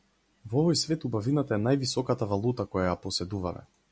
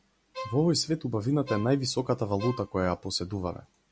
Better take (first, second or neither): first